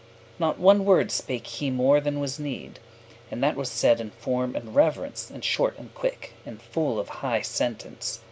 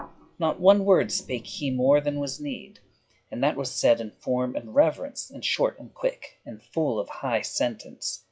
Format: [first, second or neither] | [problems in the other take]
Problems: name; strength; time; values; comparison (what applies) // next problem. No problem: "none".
first | noise reduction (classical method log-MMSE)